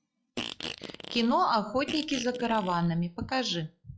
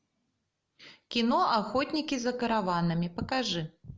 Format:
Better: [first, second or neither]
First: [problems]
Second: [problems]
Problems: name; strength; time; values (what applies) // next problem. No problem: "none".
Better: second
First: noise reduction (classical method log-MMSE)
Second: none